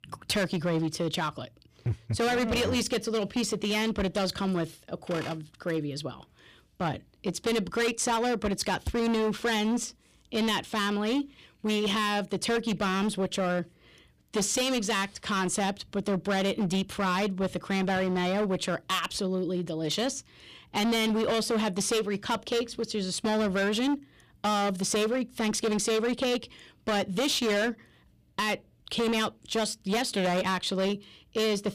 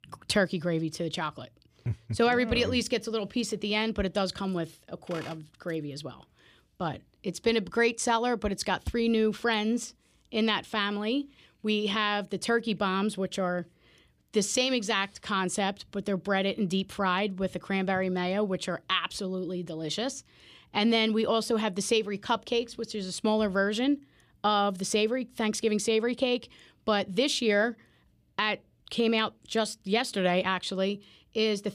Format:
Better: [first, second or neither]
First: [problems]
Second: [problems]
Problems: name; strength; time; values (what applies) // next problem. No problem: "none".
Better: second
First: distortion; heavy; 17% of the sound clipped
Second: none